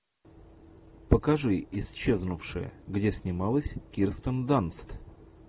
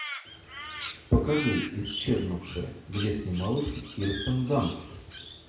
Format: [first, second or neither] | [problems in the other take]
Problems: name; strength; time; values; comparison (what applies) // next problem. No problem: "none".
first | background sound (Crow); 11 dB below the speech // room echo; dies away in 0.6 s